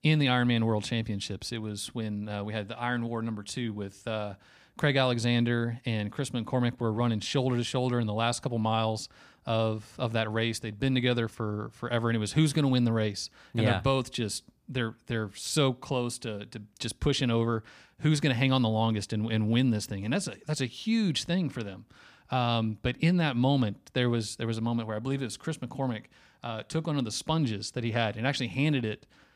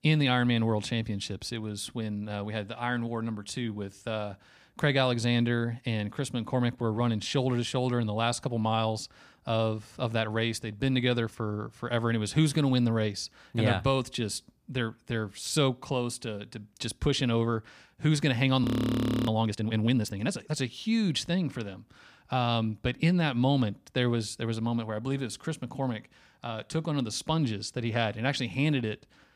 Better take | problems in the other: first | audio freezing; at 19 s for 0.5 s

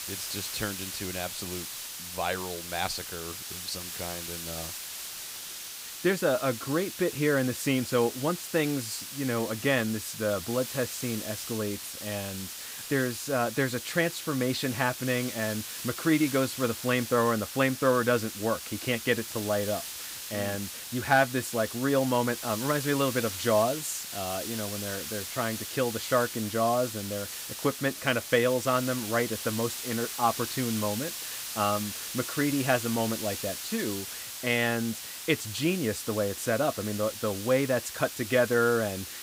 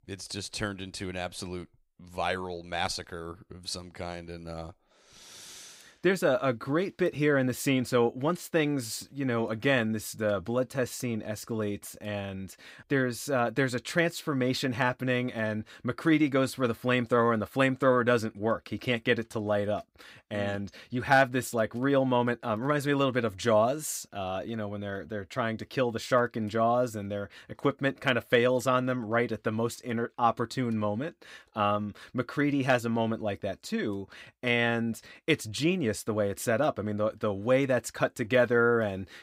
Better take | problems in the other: second | hiss; loud; throughout; 7 dB below the speech

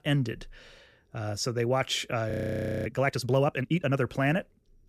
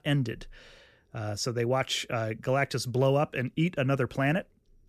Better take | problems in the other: second | audio freezing; at 2.5 s for 0.5 s

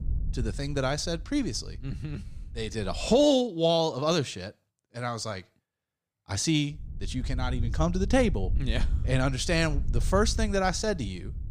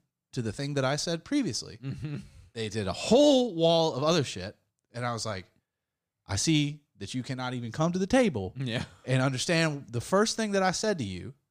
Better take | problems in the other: second | wind noise on the microphone; occasional gusts; until 3 s and from 7 s on; 25 dB below the speech

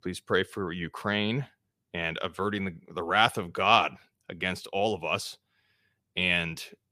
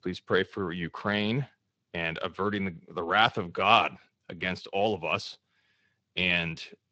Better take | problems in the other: first | garbled, watery; slightly; nothing above 7.5 kHz

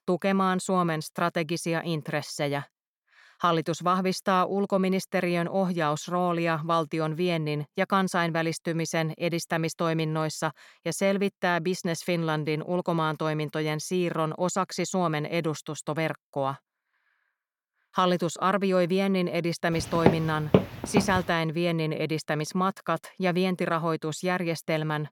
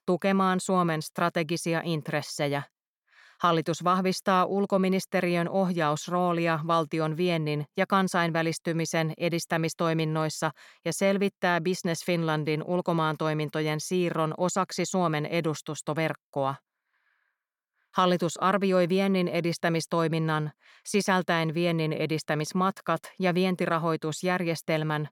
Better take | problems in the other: second | footsteps; loud; from 20 to 21 s; peak 2 dB above the speech

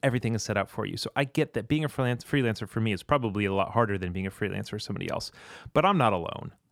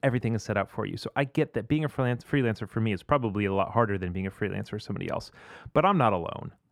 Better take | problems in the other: first | muffled; slightly; fading above 3 kHz

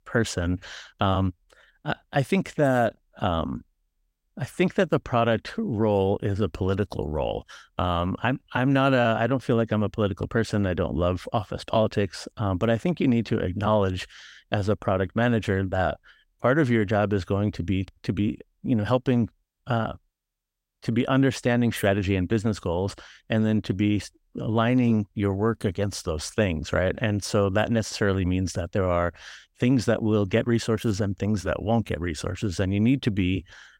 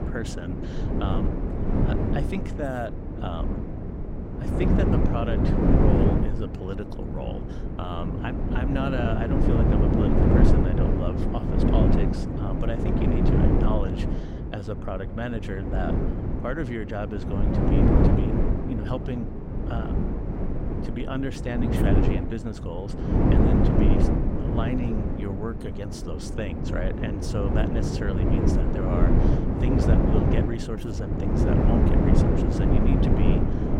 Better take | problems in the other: first | wind noise on the microphone; heavy; 4 dB above the speech

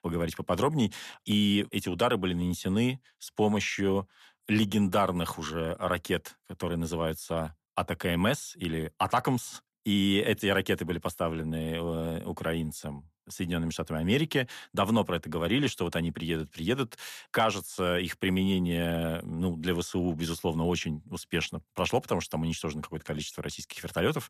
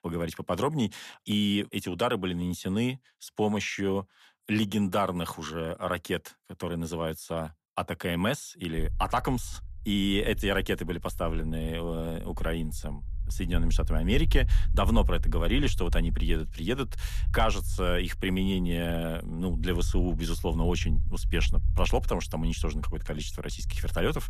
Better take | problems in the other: first | low rumble; faint; from 9 s on; 20 dB below the speech

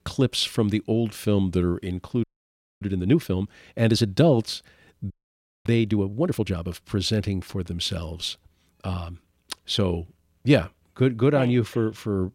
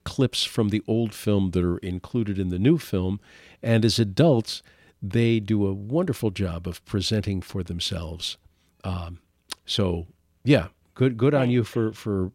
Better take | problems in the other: second | audio freezing; at 2 s for 0.5 s and at 5 s for 0.5 s

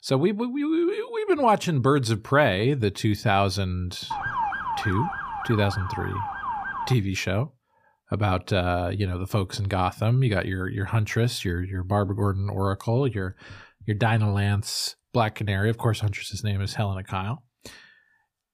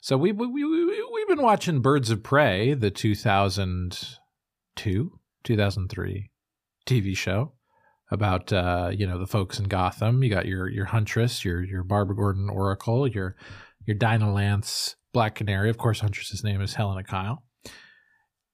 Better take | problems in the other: second | siren; noticeable; from 4 to 7 s; peak 2 dB below the speech

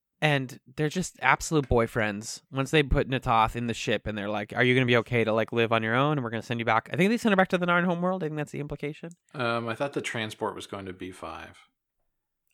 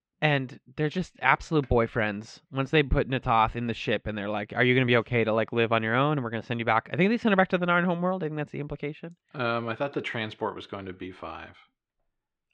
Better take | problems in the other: first | muffled; slightly; fading above 4 kHz

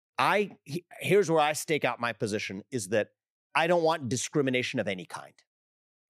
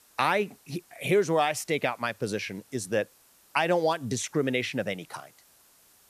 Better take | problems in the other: first | hiss; faint; throughout; 30 dB below the speech

